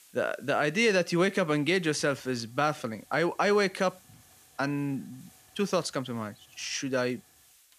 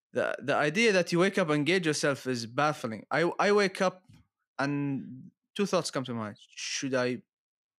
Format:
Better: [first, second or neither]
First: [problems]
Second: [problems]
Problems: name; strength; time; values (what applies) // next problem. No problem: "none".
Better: second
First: hiss; faint; throughout; 25 dB below the speech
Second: none